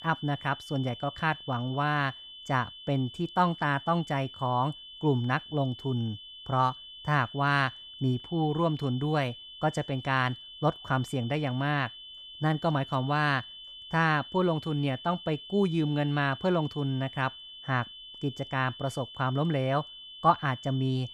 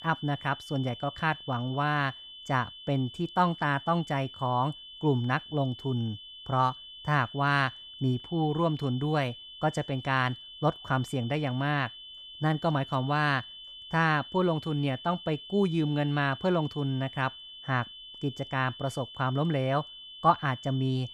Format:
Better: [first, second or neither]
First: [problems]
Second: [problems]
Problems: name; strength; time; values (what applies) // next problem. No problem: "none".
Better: neither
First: high-pitched whine; noticeable; throughout; 3 kHz, 15 dB below the speech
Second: high-pitched whine; noticeable; throughout; 3 kHz, 15 dB below the speech